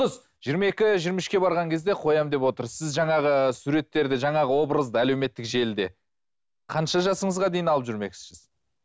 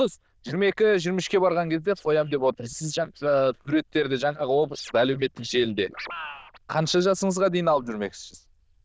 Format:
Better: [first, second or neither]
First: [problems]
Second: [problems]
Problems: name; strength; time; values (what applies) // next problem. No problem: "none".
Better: first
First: none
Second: noise reduction (neural diffusion model UNIVERSE++)